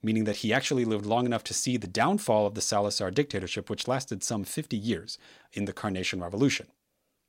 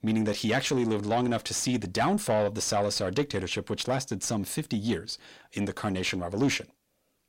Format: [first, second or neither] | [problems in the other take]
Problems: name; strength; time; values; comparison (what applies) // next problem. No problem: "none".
first | distortion; slight; 10 dB below the speech